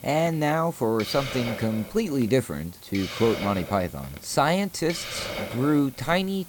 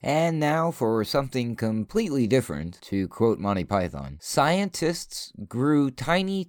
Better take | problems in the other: second | hiss; noticeable; throughout; 10 dB below the speech

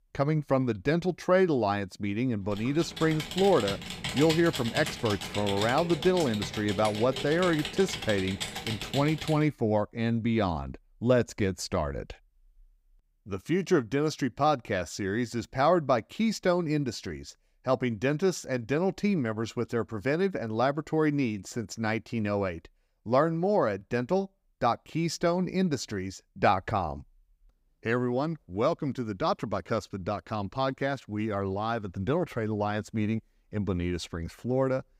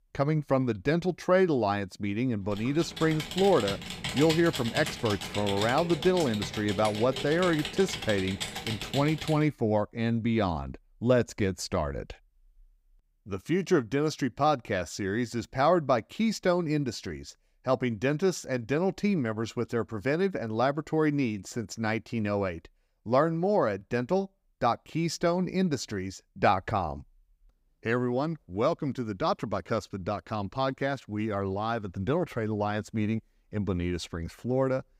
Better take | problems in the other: neither | keyboard typing; noticeable; from 2.5 to 9.5 s; peak 3 dB below the speech; the same in both

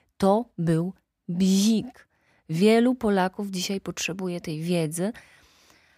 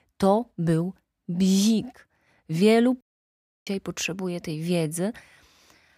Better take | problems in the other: first | audio cutting out; at 3 s for 0.5 s

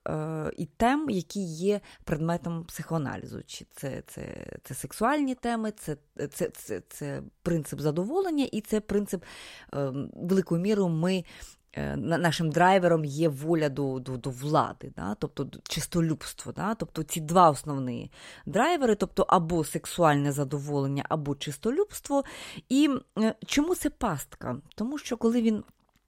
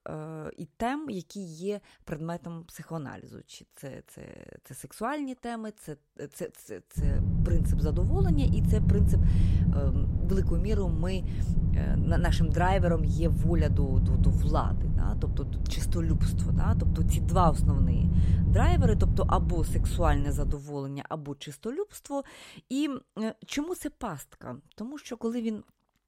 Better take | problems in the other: first | low rumble; loud; from 7 to 21 s; 5 dB below the speech

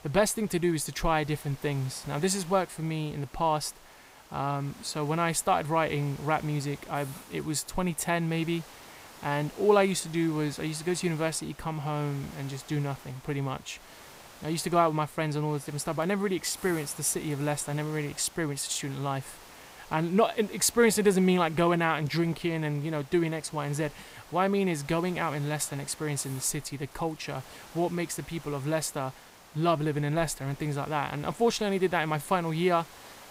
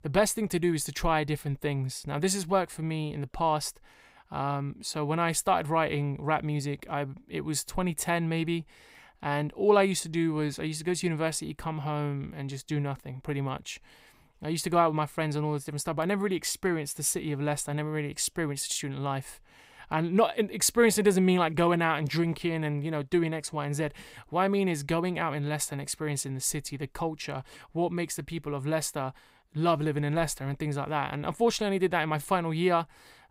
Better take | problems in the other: second | hiss; noticeable; throughout; 20 dB below the speech

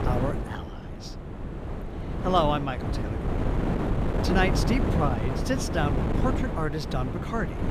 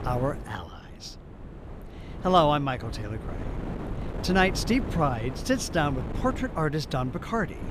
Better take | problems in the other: second | wind noise on the microphone; heavy; 5 dB below the speech; occasional gusts in the second

